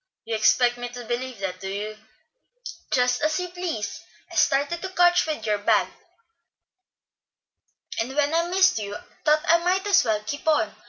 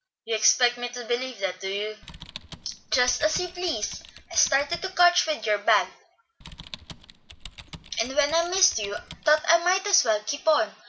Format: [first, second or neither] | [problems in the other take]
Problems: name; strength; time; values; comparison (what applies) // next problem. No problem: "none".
first | background sound (Typing); 17 dB below the speech